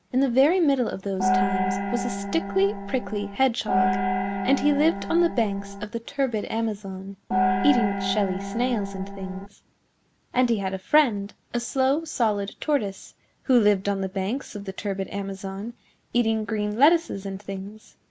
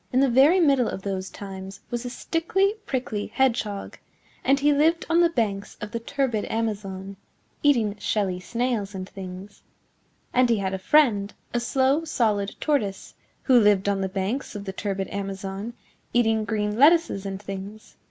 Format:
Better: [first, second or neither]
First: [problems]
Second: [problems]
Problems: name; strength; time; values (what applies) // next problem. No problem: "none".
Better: second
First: background sound (Gong); 1 dB below the speech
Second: none